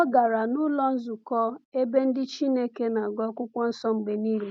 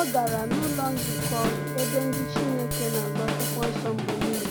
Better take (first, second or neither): first